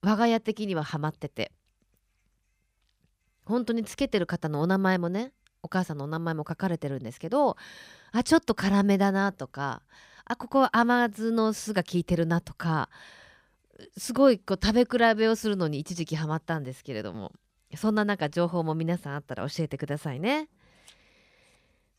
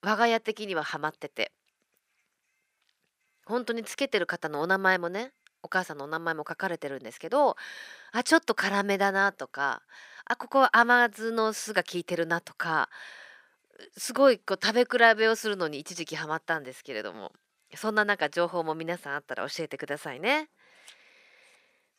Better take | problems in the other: first | thin; somewhat; fading below 400 Hz

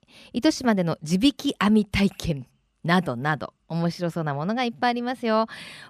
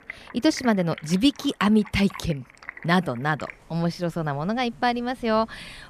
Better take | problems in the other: first | rain or running water; noticeable; throughout; 20 dB below the speech

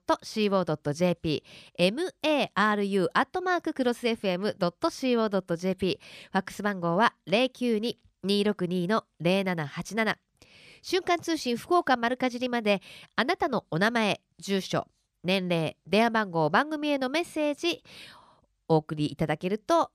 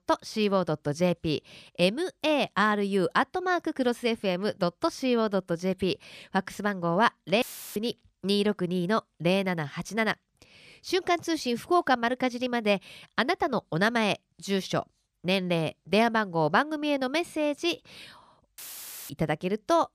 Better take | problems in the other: first | audio cutting out; filled with static; at 7.5 s and at 19 s for 0.5 s

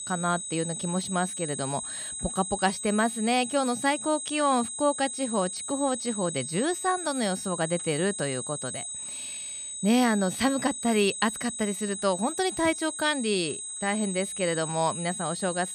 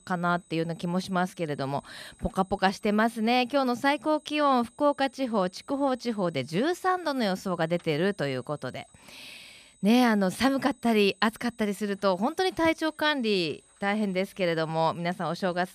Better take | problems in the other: second | high-pitched whine; loud; throughout; 8 kHz, 5 dB below the speech; faint in the second

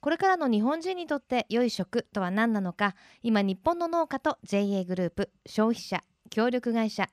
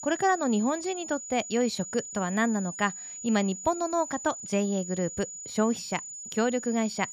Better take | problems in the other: first | high-pitched whine; loud; throughout; 7 kHz, 9 dB below the speech

